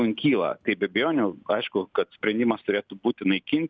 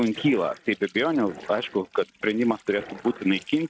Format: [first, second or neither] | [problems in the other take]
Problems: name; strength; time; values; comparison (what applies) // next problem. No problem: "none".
first | noise reduction (neural mask model RNNoise)